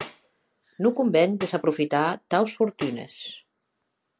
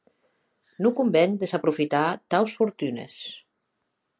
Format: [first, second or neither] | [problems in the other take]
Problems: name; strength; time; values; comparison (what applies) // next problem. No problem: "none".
second | background sound (Tambourine); 20 dB below the speech